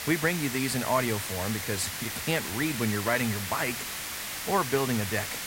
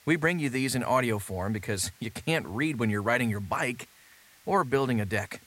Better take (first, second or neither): second